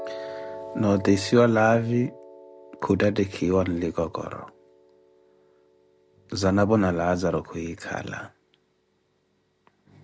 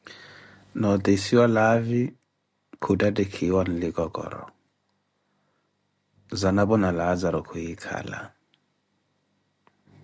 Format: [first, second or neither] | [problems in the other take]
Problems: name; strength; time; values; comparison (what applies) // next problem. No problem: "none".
second | background sound (Piano); 18 dB below the speech